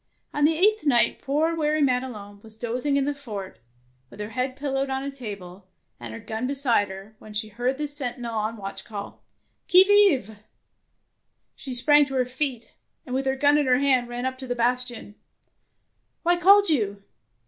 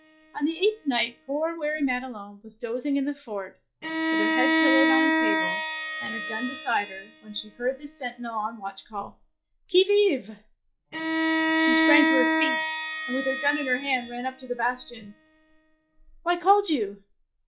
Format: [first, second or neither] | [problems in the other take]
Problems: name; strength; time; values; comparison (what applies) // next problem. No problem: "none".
first | noise reduction (classical method log-MMSE)